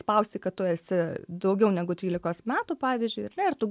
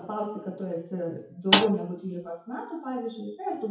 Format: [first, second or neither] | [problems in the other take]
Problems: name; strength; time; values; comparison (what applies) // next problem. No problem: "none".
first | noise reduction (classical method WPE with log-MMSE)